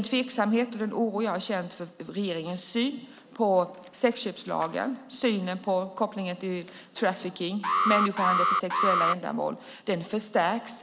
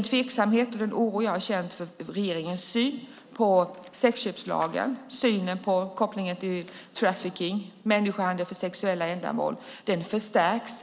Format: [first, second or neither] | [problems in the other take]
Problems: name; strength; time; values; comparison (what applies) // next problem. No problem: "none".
second | background sound (Alarm); 4 dB above the speech